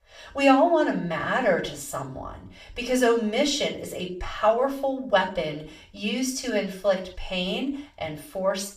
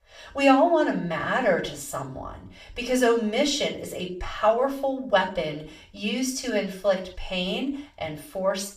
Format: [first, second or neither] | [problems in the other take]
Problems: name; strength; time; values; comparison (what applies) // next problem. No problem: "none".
neither | room echo; slight; dies away in 0.3 s; the same in both // off-mic speech; far; the same in both